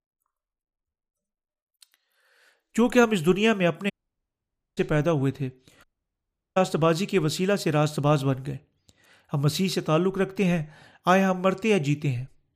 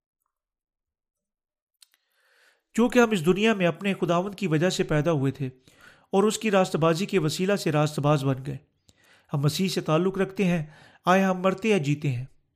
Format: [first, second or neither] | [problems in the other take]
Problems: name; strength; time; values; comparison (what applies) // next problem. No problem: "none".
second | audio cutting out; at 4 s for 1 s and at 6 s for 0.5 s